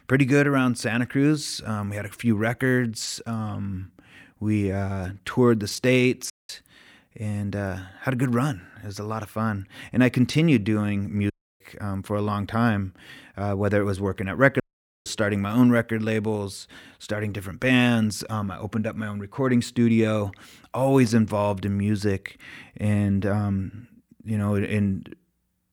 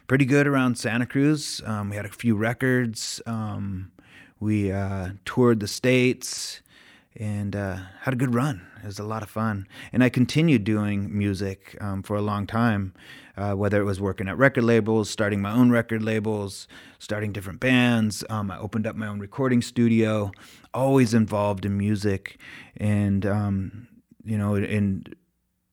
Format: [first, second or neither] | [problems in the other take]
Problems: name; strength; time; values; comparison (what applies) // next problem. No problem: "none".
second | audio cutting out; at 6.5 s, at 11 s and at 15 s